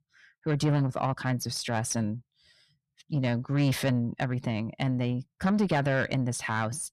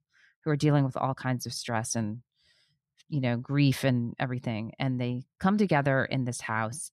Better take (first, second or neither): second